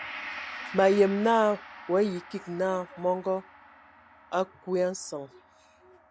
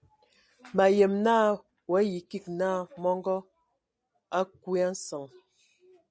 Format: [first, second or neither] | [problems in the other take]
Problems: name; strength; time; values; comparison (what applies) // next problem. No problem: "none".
second | background sound (Gong); 16 dB below the speech